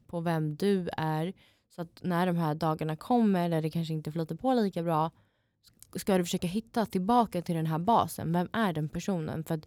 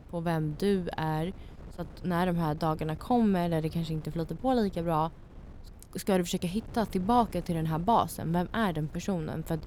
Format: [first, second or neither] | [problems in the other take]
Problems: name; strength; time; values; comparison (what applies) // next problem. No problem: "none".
first | wind noise on the microphone; occasional gusts; 25 dB below the speech